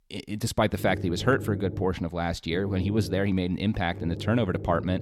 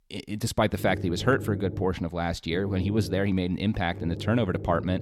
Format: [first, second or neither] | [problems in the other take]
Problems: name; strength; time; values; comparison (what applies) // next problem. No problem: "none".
neither | low rumble; noticeable; from 1 to 2 s, at 2.5 s and from 4 s on; 15 dB below the speech; the same in both